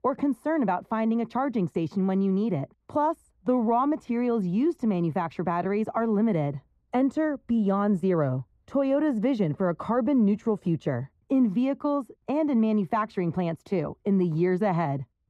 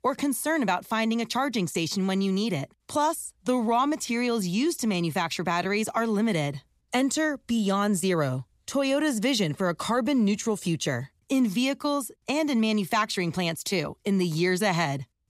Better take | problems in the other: second | muffled; very; fading above 2.5 kHz

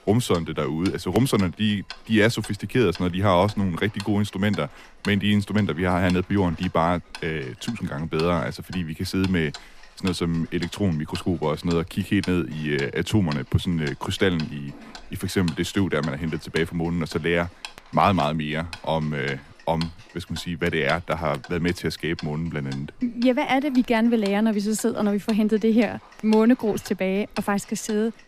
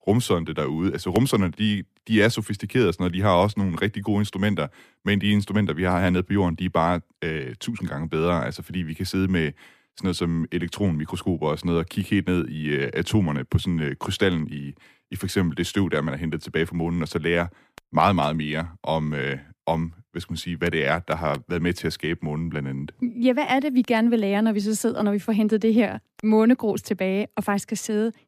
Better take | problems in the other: second | household noises; noticeable; throughout; 20 dB below the speech

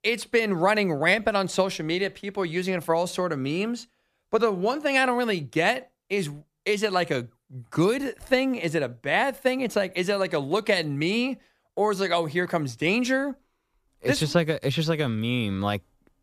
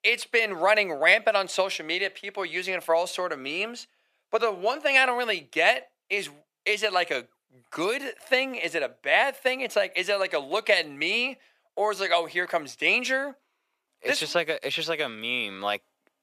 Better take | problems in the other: first | thin; somewhat; fading below 450 Hz

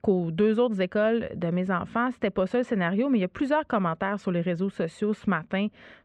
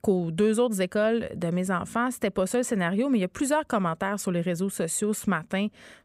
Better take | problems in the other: second | muffled; very; fading above 3.5 kHz

